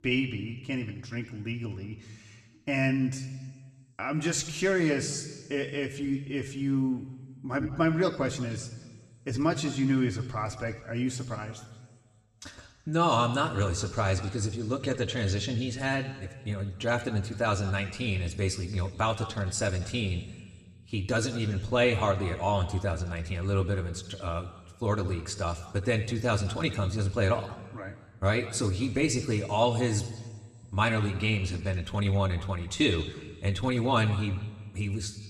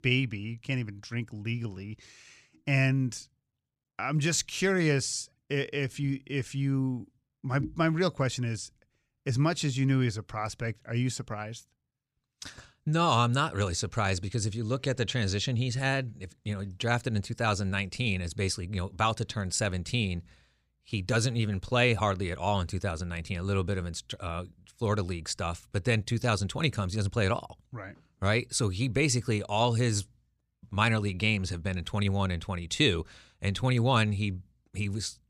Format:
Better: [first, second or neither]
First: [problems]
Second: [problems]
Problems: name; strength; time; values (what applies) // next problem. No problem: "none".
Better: second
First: room echo; slight; dies away in 1.4 s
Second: none